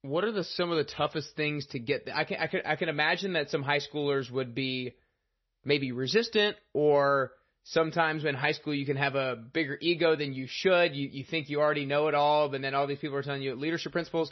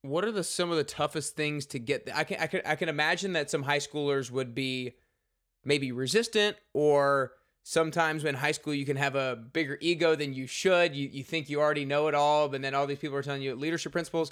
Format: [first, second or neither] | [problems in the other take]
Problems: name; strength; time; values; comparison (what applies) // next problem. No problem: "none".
second | garbled, watery; slightly; nothing above 6 kHz